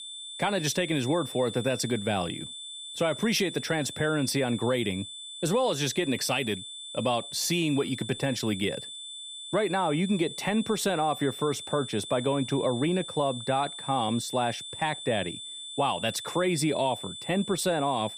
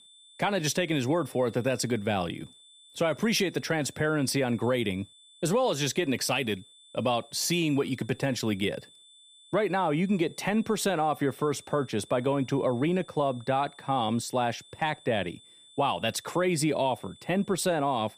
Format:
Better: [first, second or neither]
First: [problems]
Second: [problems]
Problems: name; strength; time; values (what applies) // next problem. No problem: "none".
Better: second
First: high-pitched whine; loud; throughout; 3.5 kHz, 10 dB below the speech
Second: high-pitched whine; faint; throughout; 3.5 kHz, 25 dB below the speech